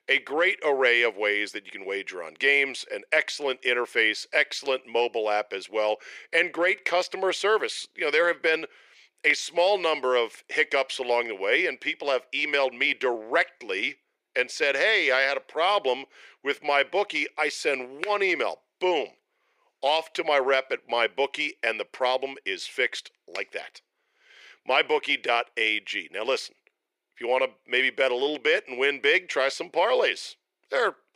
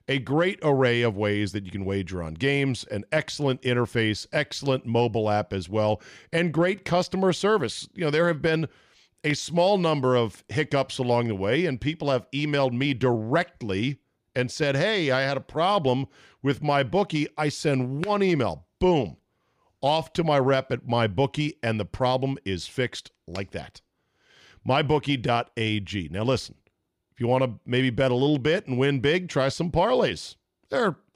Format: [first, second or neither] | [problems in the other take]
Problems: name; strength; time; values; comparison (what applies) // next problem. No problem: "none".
second | thin; very; fading below 400 Hz